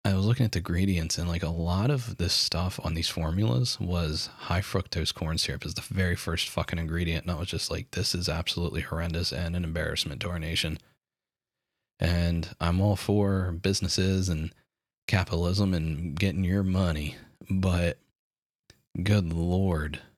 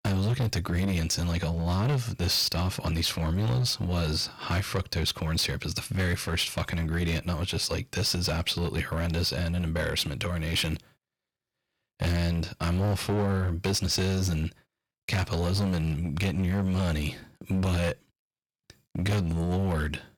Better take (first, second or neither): first